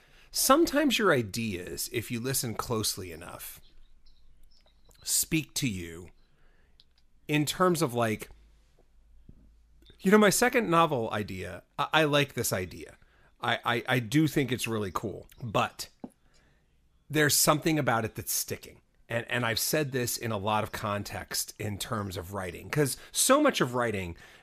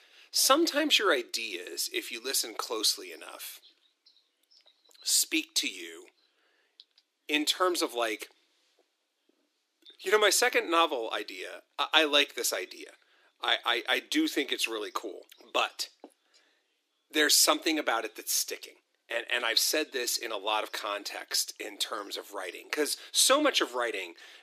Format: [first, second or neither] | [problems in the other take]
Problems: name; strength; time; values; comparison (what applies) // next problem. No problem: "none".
first | thin; somewhat; fading below 300 Hz